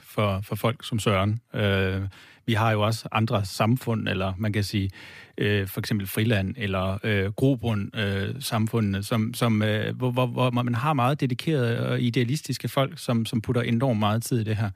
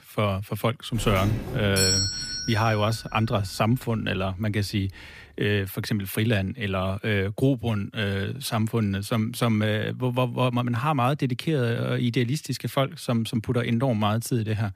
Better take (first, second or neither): first